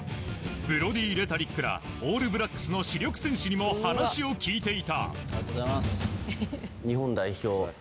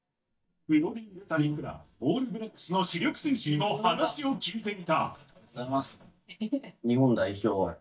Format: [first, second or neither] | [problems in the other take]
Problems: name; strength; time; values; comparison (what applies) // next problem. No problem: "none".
first | noise reduction (neural mask model DeepFilterNet 3)